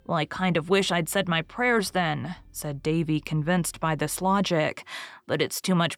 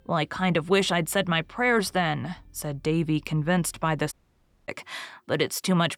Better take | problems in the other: first | audio cutting out; at 4 s for 0.5 s

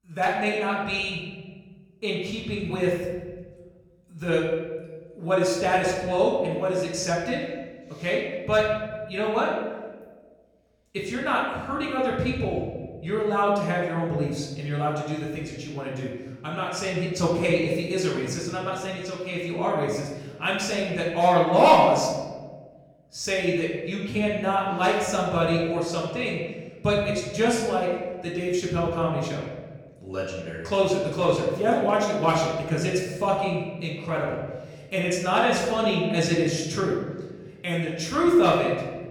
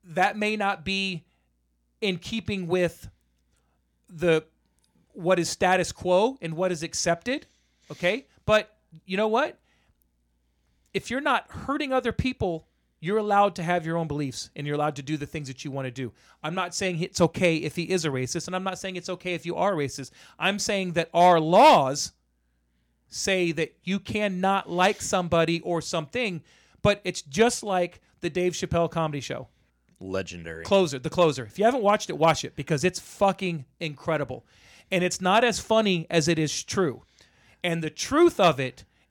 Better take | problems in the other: second | room echo; noticeable; dies away in 1.2 s // off-mic speech; far

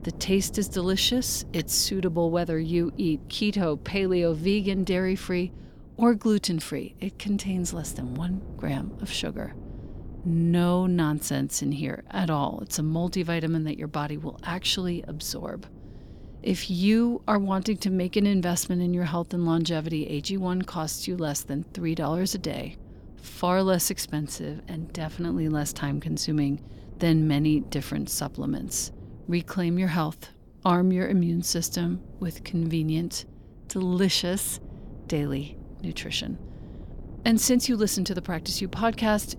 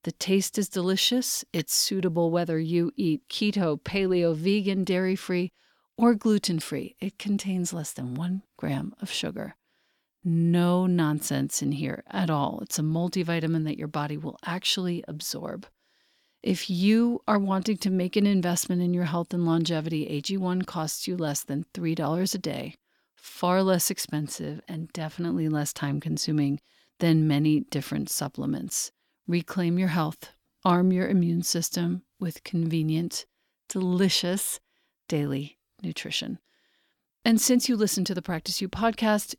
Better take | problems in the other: second | wind noise on the microphone; occasional gusts; 25 dB below the speech

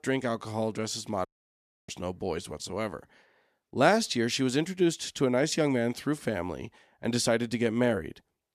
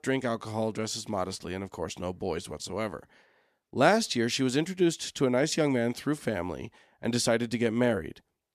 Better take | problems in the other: second | audio cutting out; at 1.5 s for 0.5 s

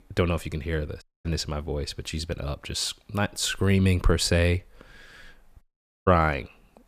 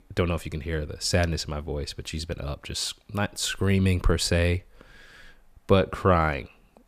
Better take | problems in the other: second | audio cutting out; at 1 s and at 5.5 s

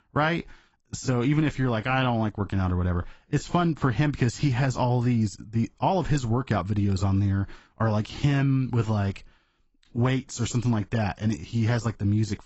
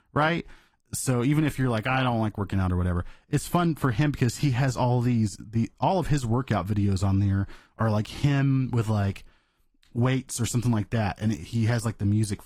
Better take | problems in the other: second | garbled, watery; badly; nothing above 8 kHz; slightly in the second

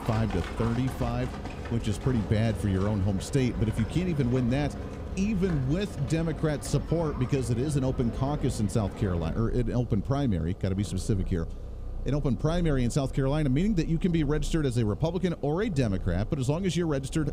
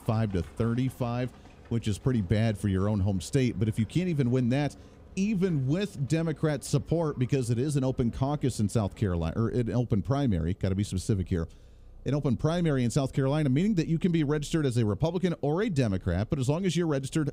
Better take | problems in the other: second | animal sounds; loud; throughout; 10 dB below the speech; faint in the second

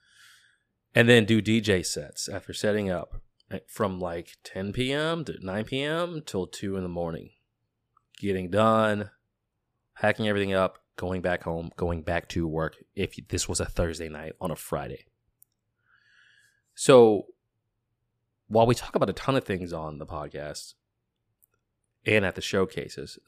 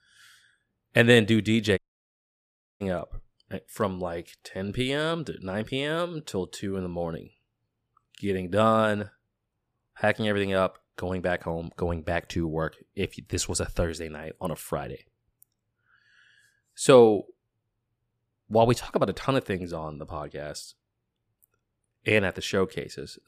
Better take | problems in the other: first | audio cutting out; at 2 s for 1 s

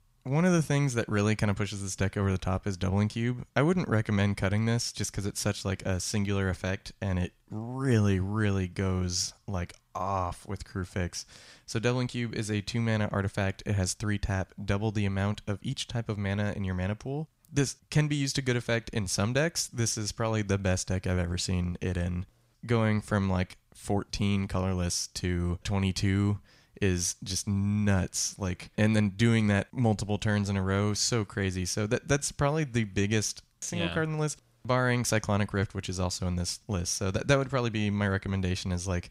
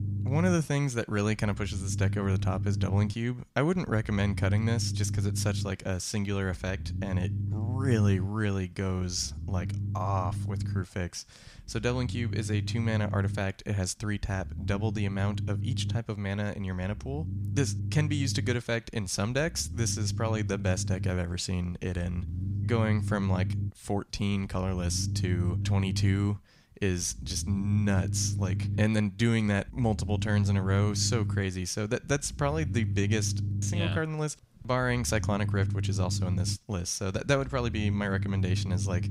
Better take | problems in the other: first | low rumble; noticeable; throughout; 10 dB below the speech

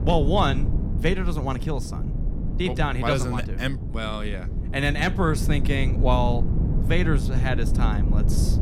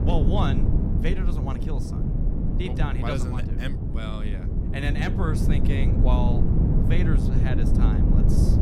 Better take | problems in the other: first | wind noise on the microphone; heavy; 1 dB below the speech; occasional gusts in the first

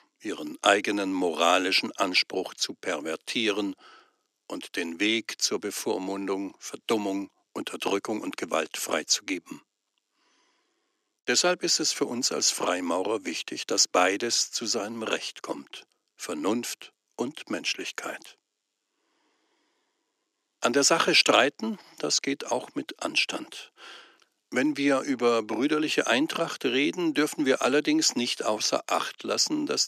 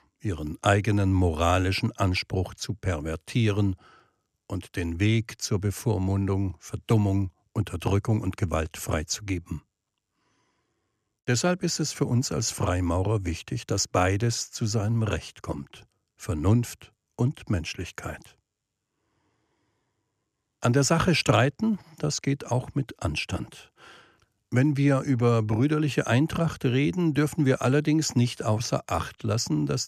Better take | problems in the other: second | thin; somewhat; fading below 250 Hz

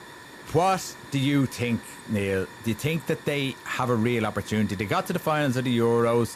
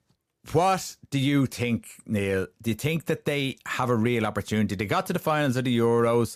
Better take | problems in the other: second | hiss; noticeable; throughout; 15 dB below the speech

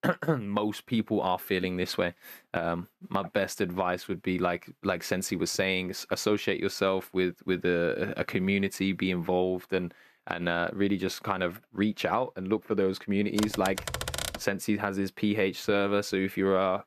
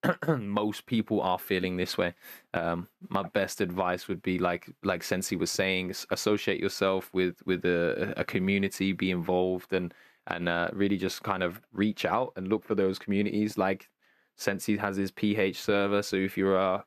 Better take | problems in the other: second | keyboard typing; noticeable; from 13 to 14 s; peak 3 dB below the speech

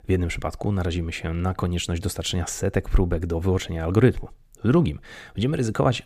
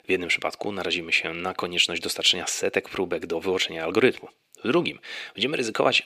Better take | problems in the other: first | thin; somewhat; fading below 400 Hz

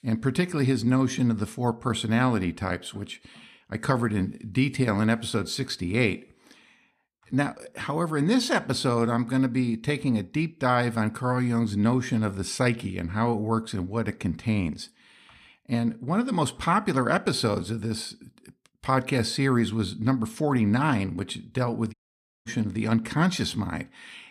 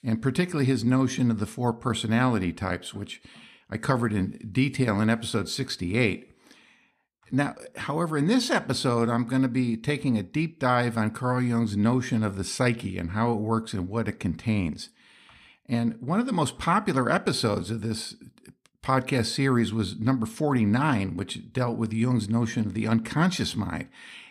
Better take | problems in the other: second | audio cutting out; at 22 s for 0.5 s

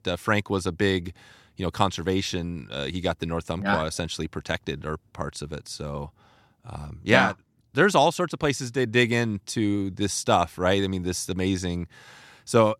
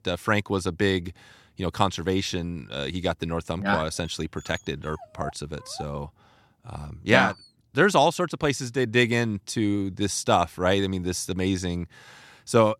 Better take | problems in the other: first | dog barking; faint; from 4 to 7.5 s; peak 15 dB below the speech

